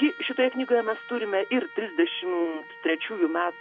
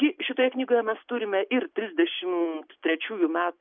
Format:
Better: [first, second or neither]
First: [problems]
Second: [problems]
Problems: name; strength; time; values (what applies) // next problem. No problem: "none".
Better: second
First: background sound (Trumpet); 17 dB below the speech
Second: none